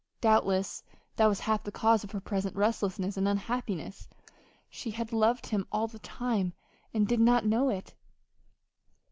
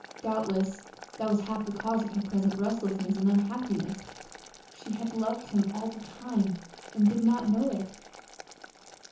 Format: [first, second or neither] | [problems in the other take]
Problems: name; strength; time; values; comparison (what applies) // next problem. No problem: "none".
first | background sound (Boiling); 18 dB below the speech // room echo; dies away in 0.6 s